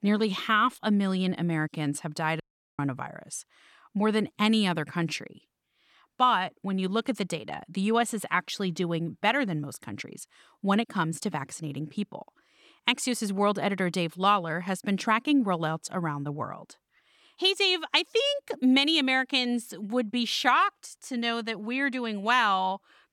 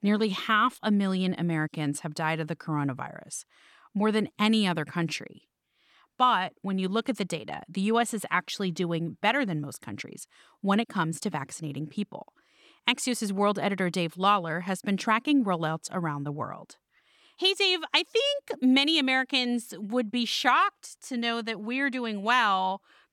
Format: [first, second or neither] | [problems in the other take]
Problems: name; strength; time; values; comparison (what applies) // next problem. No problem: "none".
second | audio cutting out; at 2.5 s